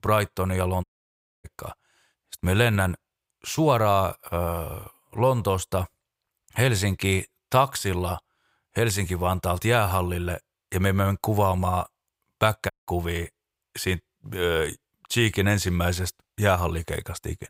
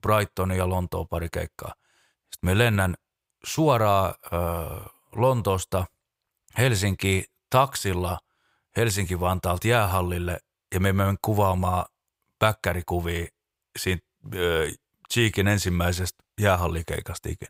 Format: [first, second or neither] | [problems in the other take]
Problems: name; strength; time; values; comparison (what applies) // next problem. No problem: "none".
second | audio cutting out; at 1 s for 0.5 s and at 13 s